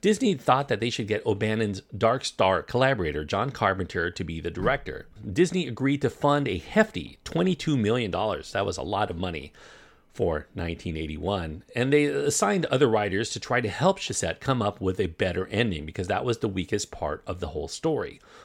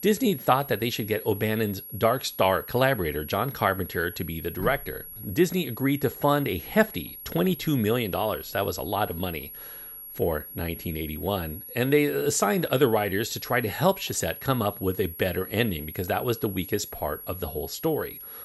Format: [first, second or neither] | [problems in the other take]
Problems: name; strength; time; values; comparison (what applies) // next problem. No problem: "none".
first | high-pitched whine; noticeable; throughout; 11.5 kHz, 10 dB below the speech